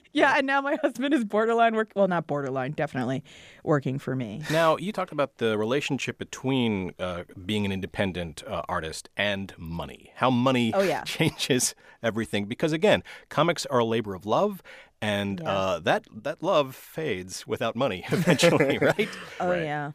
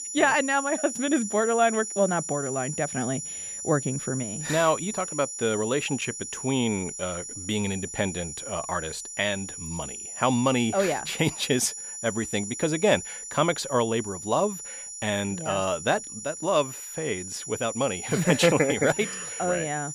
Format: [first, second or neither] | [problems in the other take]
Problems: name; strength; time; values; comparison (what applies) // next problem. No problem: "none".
first | high-pitched whine; loud; throughout; 7 kHz, 7 dB below the speech